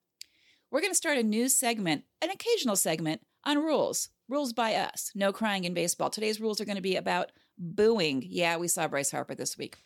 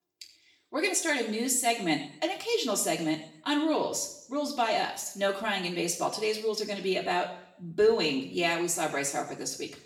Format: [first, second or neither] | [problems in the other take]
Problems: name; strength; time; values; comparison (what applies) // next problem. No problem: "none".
first | room echo; slight; dies away in 0.6 s // off-mic speech; far